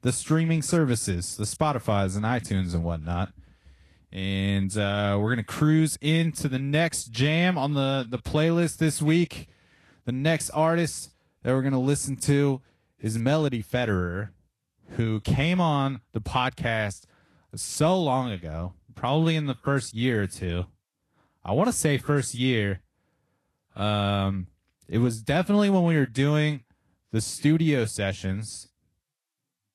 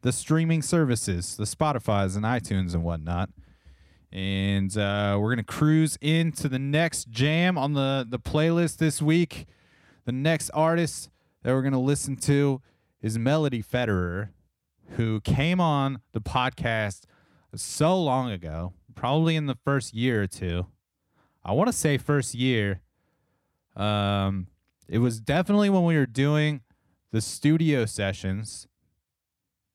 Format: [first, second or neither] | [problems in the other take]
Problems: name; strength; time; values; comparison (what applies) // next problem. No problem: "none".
second | garbled, watery; slightly